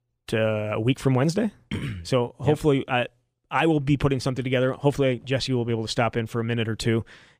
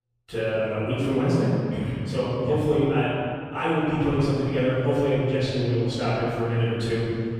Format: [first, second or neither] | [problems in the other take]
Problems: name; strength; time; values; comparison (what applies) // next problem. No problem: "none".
first | off-mic speech; far // room echo; strong; dies away in 2.2 s